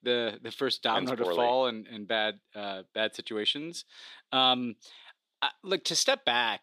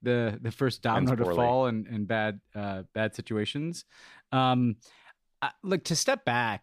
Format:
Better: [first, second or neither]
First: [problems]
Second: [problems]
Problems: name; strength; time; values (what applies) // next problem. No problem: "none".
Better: second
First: thin; somewhat; fading below 350 Hz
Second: none